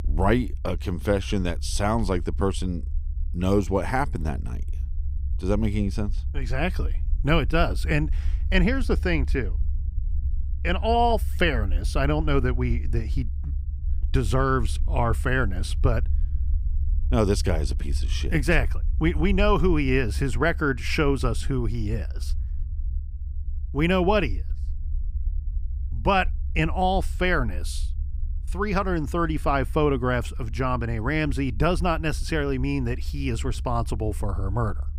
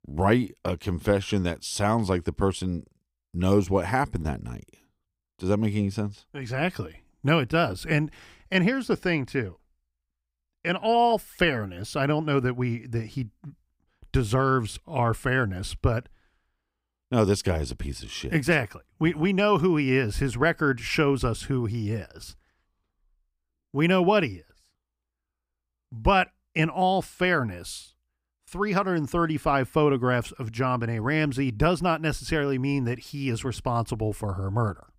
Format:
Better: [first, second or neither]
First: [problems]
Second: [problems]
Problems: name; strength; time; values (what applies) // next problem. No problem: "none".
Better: second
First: low rumble; faint; throughout; 25 dB below the speech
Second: none